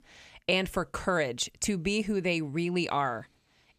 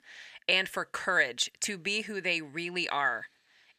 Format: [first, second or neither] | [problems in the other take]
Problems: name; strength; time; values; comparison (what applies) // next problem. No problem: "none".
first | thin; somewhat; fading below 1 kHz